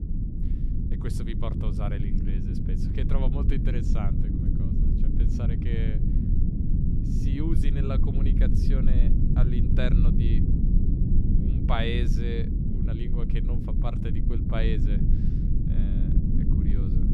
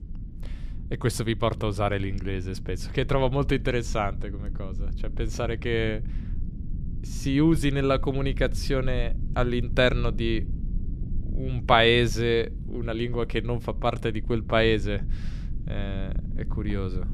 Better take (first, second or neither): second